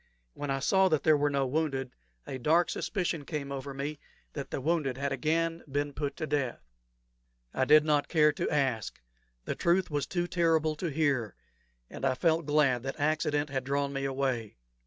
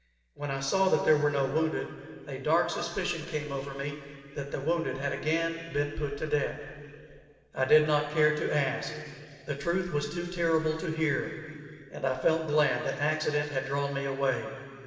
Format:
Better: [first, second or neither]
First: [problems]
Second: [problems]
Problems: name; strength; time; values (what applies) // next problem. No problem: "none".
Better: first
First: none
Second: room echo; dies away in 2.5 s